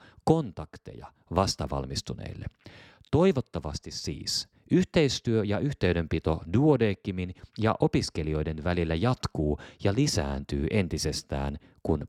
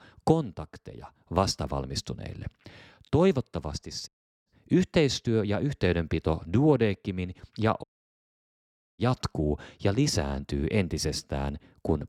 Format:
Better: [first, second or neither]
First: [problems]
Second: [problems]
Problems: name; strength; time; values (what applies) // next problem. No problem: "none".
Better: first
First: none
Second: audio cutting out; at 4 s and at 8 s for 1 s